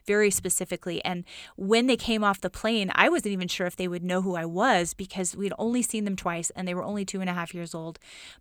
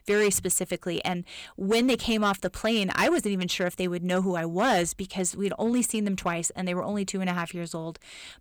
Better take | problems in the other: first | distortion; slight; 5% of the sound clipped

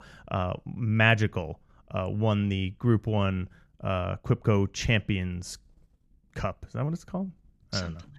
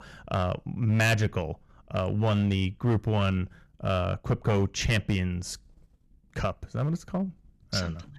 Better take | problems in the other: first | distortion; heavy; 5% of the sound clipped

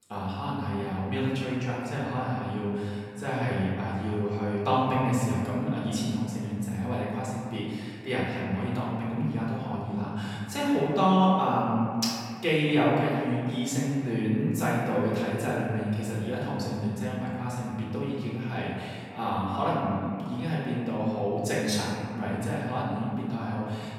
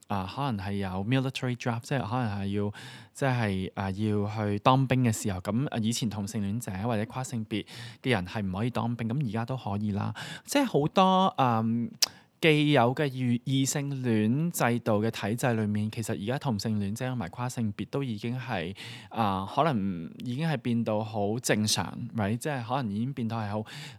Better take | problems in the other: second | room echo; strong; dies away in 2.1 s // off-mic speech; far

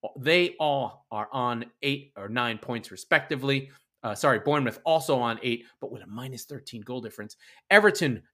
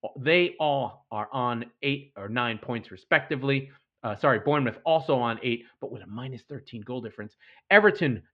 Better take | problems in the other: first | muffled; slightly; fading above 3 kHz

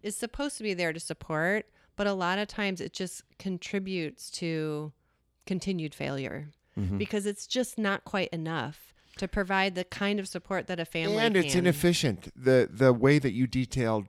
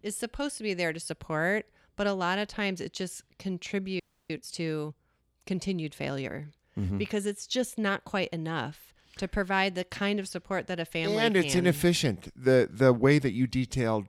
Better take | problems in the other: first | audio freezing; at 4 s

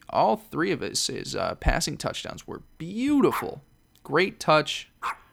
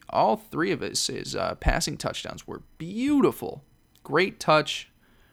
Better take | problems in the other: second | dog barking; noticeable; from 3.5 s on; peak 8 dB below the speech

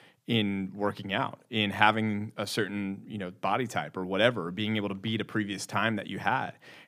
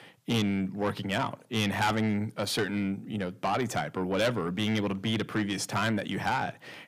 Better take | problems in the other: first | distortion; heavy; 6 dB below the speech

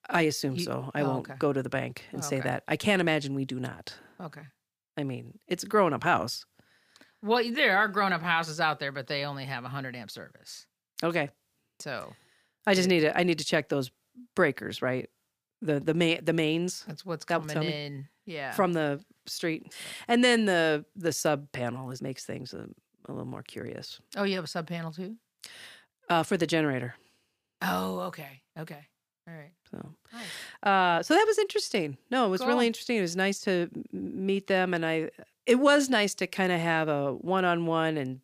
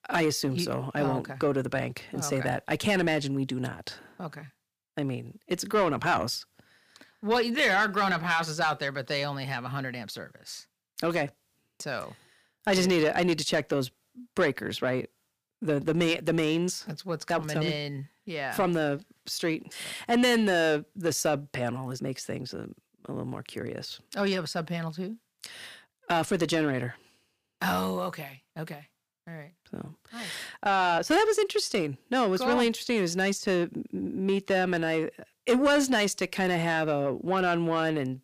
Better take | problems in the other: first | distortion; slight; 10 dB below the speech

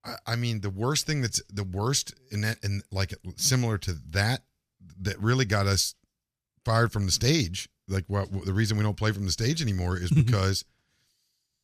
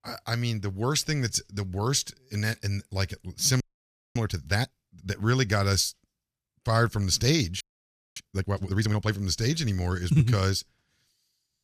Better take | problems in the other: first | audio freezing; at 3.5 s for 0.5 s and at 7.5 s for 0.5 s

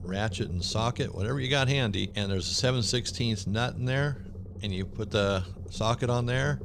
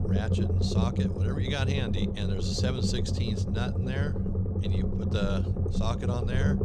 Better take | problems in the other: first | low rumble; loud; throughout; 2 dB below the speech; faint in the first

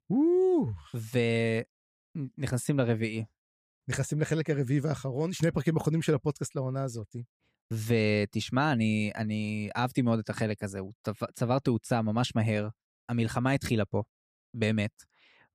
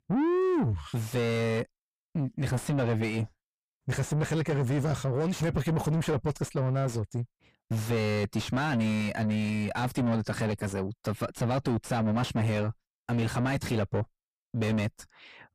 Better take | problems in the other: first | distortion; heavy; 6 dB below the speech

